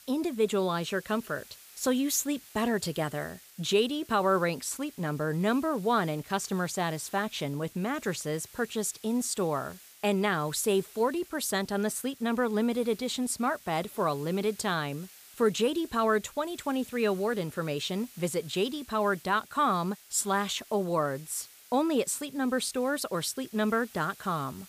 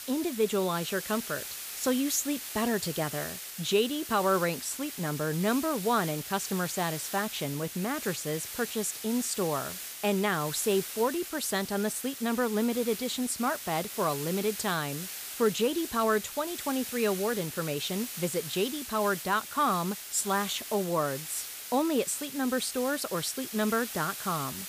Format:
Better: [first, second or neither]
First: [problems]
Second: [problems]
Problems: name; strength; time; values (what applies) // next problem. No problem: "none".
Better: first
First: hiss; faint; throughout; 20 dB below the speech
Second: hiss; loud; throughout; 7 dB below the speech